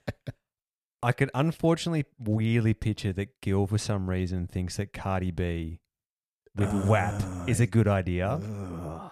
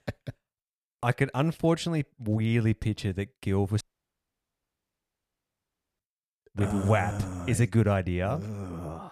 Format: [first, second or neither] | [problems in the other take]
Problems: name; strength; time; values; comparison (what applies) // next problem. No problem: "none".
first | audio cutting out; at 4 s for 2 s